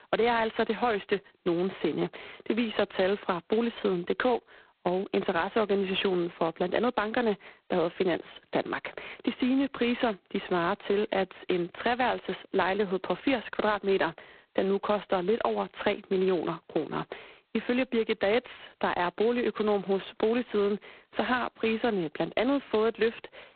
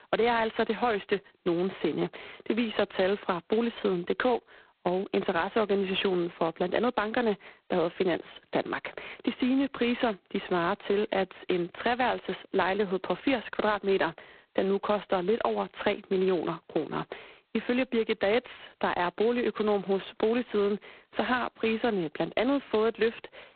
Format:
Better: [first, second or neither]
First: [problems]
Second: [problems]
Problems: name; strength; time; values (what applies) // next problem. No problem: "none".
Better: neither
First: phone-call audio; poor line; nothing above 4 kHz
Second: phone-call audio; poor line; nothing above 4 kHz